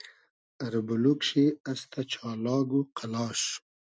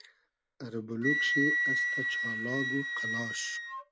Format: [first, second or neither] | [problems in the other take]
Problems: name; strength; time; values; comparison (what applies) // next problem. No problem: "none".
first | background sound (Wind instrument, woodwind instrument); 4 dB above the speech